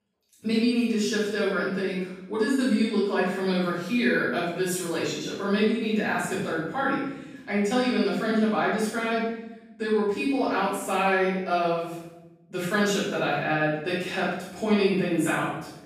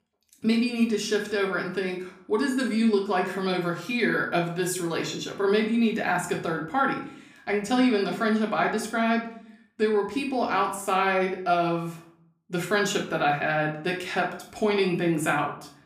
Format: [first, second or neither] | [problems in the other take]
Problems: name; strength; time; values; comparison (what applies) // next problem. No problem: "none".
second | room echo; strong; dies away in 0.9 s; slight in the second // off-mic speech; far; somewhat distant in the second